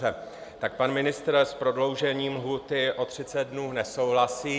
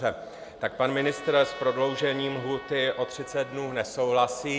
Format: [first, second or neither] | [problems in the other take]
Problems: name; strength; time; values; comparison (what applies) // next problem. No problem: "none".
first | background sound (Trumpet); 16 dB below the speech